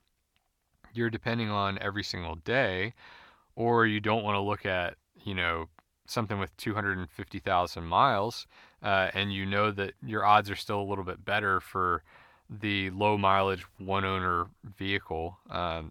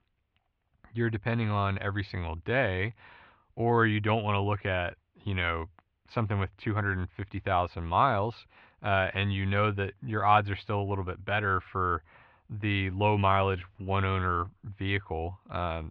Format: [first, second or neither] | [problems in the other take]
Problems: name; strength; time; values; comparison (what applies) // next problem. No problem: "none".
first | muffled; slightly; fading above 3 kHz